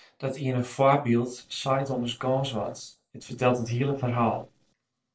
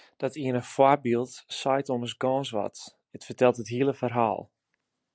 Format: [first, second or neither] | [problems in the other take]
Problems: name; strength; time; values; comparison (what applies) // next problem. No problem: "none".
second | noise reduction (neural separator model SepFormer DNS4)